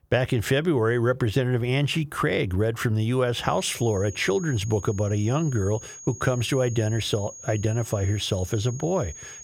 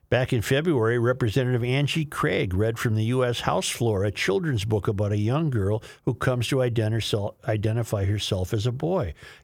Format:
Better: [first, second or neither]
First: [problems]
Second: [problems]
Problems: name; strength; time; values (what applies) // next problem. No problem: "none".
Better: second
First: high-pitched whine; noticeable; from 3.5 s on; 6.5 kHz, 15 dB below the speech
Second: none